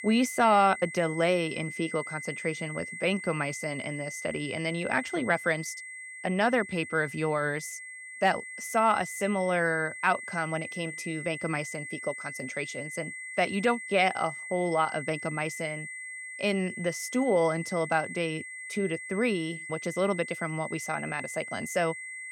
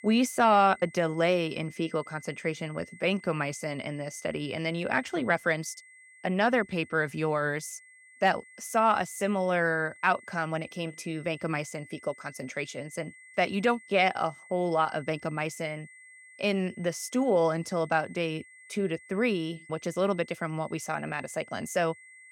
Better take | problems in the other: second | high-pitched whine; loud; throughout; 2 kHz, 9 dB below the speech; faint in the second

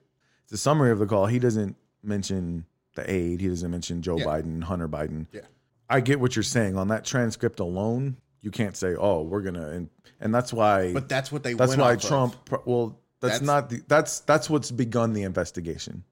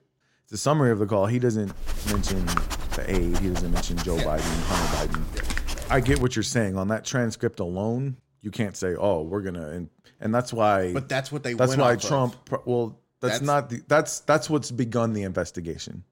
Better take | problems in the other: first | dog barking; noticeable; from 1.5 to 6 s; peak 1 dB below the speech

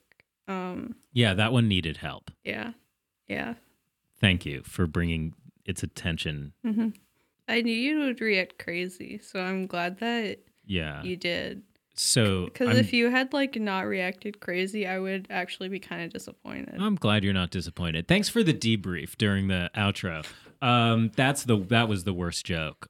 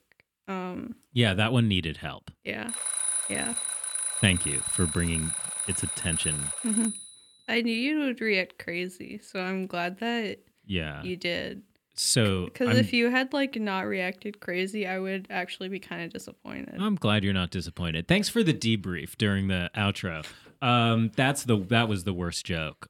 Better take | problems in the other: first | alarm; loud; from 2.5 to 7 s; peak 2 dB above the speech

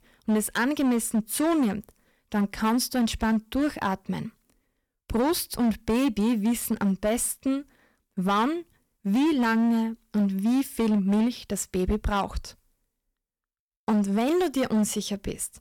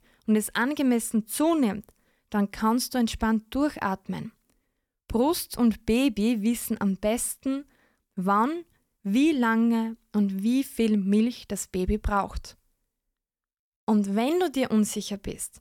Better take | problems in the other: second | distortion; slight; 11% of the sound clipped

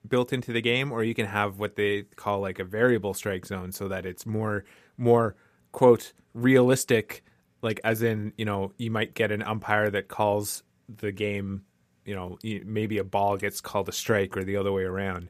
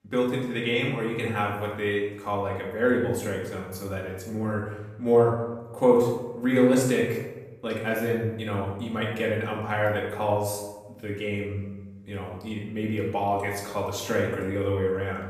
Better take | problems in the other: first | off-mic speech; far // room echo; noticeable; dies away in 0.9 s

